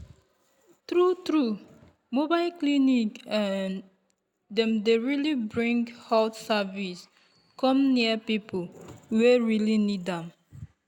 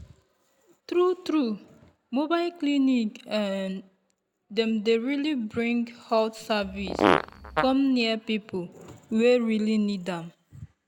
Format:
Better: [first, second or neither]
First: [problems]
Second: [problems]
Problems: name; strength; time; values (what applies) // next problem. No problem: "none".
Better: first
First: none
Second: background sound (Fart); 1 dB above the speech